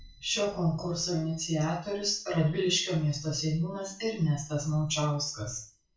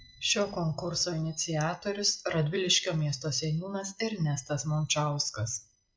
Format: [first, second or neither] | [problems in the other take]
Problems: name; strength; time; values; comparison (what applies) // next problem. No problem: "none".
second | room echo; dies away in 0.3 s